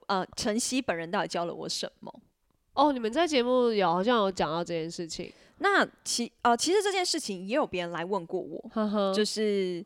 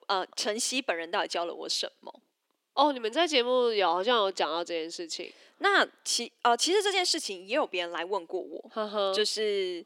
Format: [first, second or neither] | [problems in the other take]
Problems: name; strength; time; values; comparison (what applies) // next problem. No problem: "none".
first | thin; somewhat; fading below 300 Hz